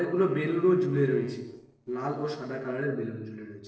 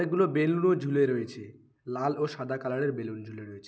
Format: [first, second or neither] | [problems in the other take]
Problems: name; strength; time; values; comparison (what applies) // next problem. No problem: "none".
second | noise reduction (neural separator model SepFormer DNS4)